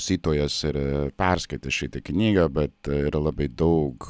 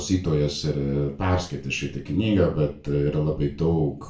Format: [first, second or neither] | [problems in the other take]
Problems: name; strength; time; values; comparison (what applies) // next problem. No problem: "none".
first | room echo; dies away in 0.3 s